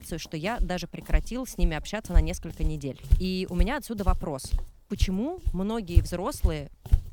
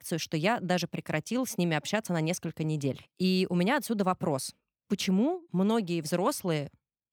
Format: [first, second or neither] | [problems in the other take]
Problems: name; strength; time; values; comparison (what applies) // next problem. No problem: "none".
second | footsteps; loud; from 0.5 s on; peak 6 dB above the speech